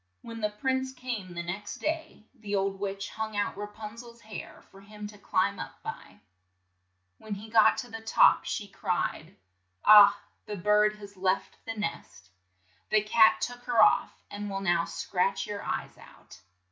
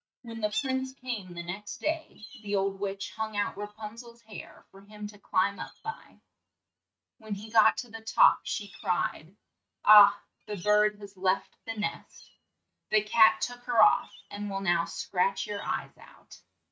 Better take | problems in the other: first | noise reduction (neural mask model RNNoise)

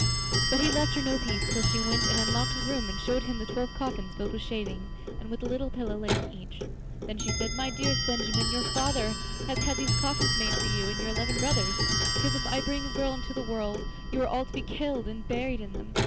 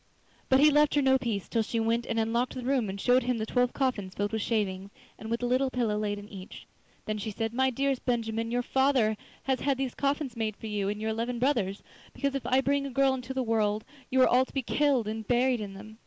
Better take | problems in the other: second | background sound (Clock); 3 dB above the speech

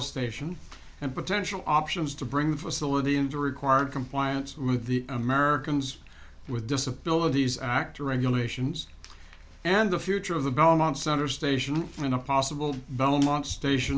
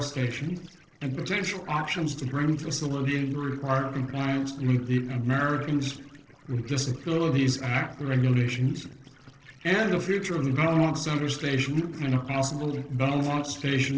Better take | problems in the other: first | noise reduction (neural separator model SepFormer DNS4)

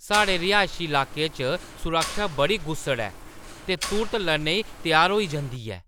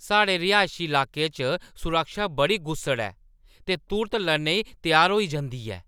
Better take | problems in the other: second | background sound (Mechanisms); 10 dB below the speech

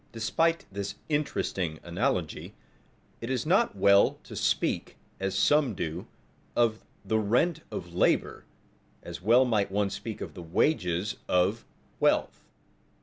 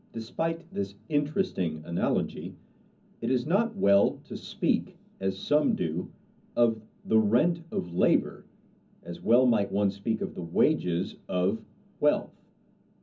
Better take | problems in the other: first | room echo; dies away in 0.4 s

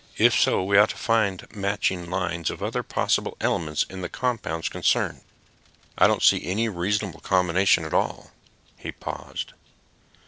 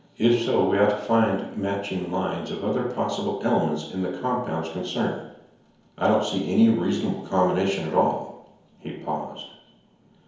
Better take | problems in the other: first | room echo; dies away in 0.9 s

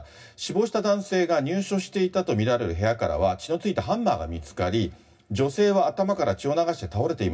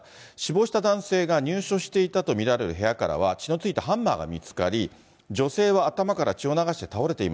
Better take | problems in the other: second | room echo; dies away in 0.4 s

